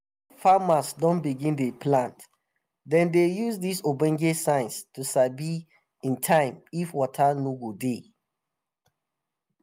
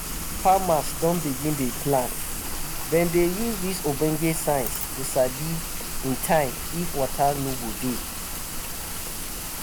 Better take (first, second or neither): first